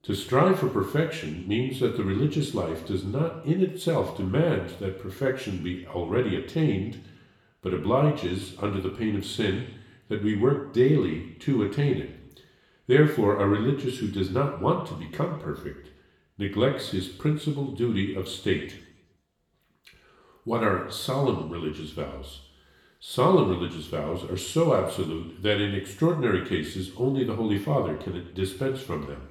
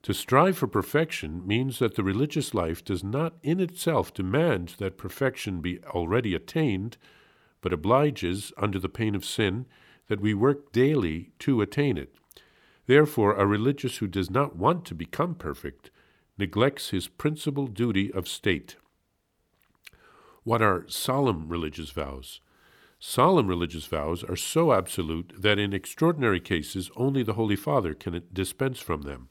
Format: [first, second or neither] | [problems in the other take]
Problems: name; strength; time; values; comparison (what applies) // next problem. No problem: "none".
second | room echo; slight; dies away in 0.8 s // off-mic speech; somewhat distant